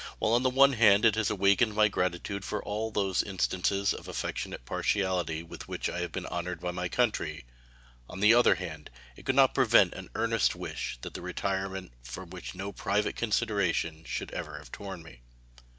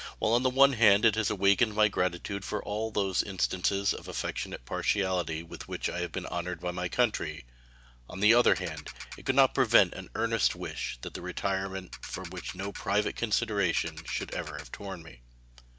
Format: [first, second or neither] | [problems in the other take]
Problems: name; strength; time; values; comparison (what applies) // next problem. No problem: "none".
first | background sound (Ratchet, pawl); 14 dB below the speech